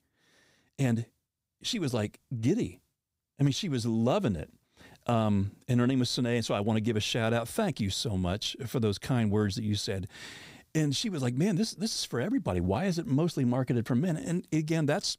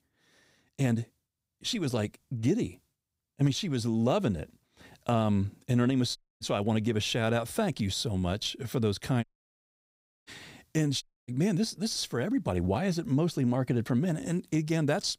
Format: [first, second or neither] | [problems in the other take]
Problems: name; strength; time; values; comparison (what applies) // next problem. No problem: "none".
first | audio cutting out; at 6 s, at 9 s for 1 s and at 11 s